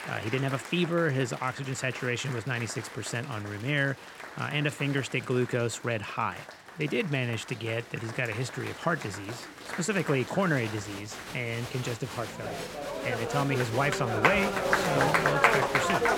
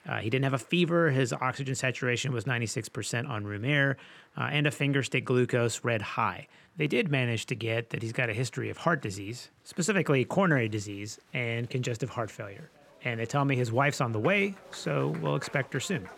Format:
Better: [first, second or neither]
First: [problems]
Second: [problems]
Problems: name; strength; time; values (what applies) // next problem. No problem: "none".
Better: second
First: crowd noise; loud; throughout; 1 dB below the speech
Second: crowd noise; faint; throughout; 25 dB below the speech